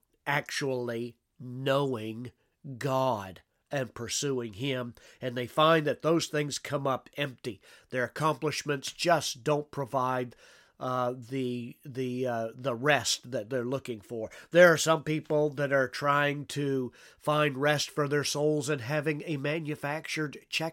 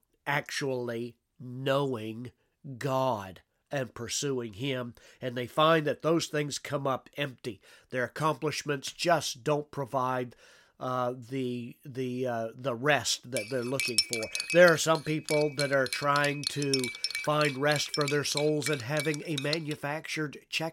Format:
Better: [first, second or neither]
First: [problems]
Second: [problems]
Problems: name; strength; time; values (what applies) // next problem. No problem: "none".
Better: first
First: none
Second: clattering dishes; loud; from 13 to 20 s; peak 3 dB above the speech